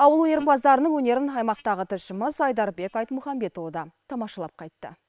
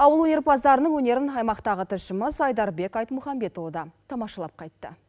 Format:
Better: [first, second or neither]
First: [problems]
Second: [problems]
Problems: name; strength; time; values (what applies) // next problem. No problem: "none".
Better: second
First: noise reduction (neural separator model SepFormer WHAM!)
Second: none